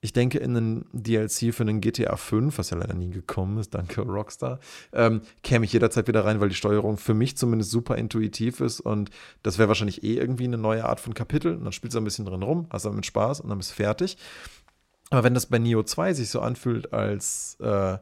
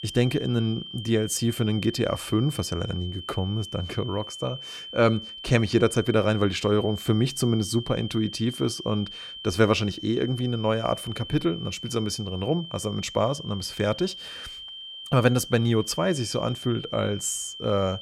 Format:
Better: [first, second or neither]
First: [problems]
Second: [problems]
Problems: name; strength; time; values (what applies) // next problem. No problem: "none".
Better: first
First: none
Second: high-pitched whine; noticeable; throughout; 3 kHz, 10 dB below the speech